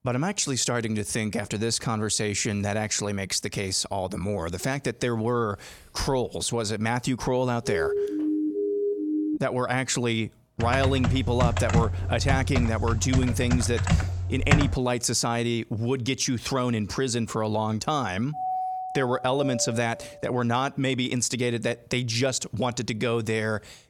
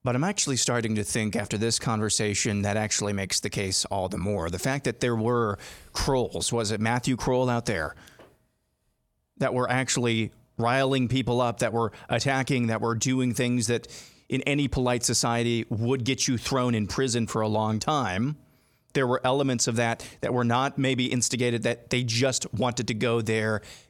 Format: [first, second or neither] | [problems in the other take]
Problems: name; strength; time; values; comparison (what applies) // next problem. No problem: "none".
second | siren; loud; from 7.5 to 9.5 s; peak level with the speech // keyboard typing; loud; from 11 to 15 s; peak 3 dB above the speech // doorbell; noticeable; from 18 to 20 s; peak 2 dB below the speech